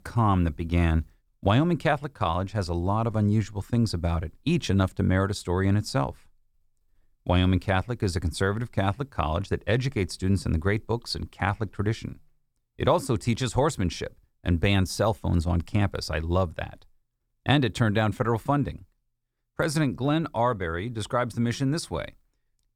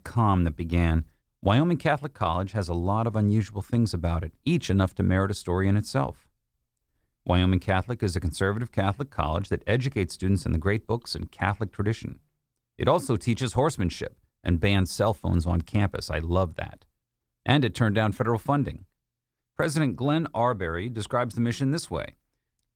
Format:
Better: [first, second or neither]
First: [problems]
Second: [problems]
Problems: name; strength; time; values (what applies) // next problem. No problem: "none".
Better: first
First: none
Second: garbled, watery; slightly; nothing above 19 kHz